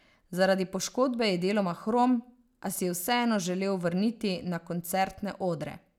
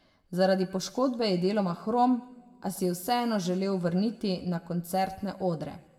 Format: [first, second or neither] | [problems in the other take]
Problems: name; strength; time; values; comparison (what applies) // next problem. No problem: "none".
first | room echo; dies away in 1.2 s